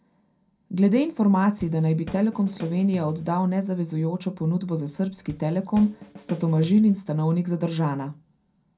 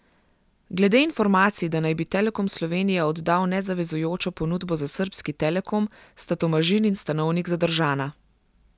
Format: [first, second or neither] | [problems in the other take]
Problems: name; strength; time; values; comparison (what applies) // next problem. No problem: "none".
second | background sound (Drum kit); 18 dB below the speech // room echo; dies away in 0.2 s